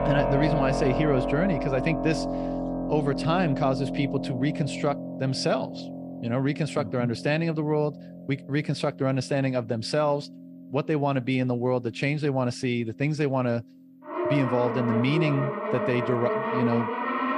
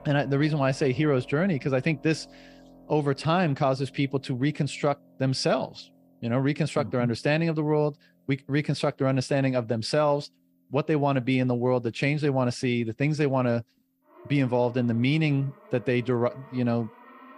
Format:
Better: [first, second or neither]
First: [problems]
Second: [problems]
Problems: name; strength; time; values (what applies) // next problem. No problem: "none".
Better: second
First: background music; loud; throughout; 3 dB below the speech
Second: background music; faint; throughout; 25 dB below the speech